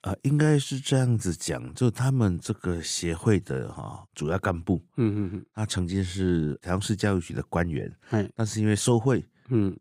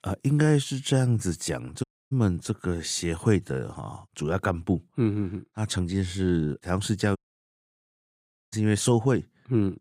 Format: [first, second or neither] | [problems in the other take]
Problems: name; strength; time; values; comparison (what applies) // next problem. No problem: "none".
first | audio cutting out; at 2 s and at 7 s for 1.5 s